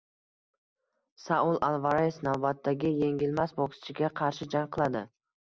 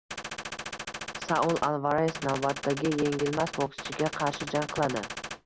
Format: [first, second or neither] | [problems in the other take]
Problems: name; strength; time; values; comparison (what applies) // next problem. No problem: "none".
first | background sound (Gunshot, gunfire); 8 dB below the speech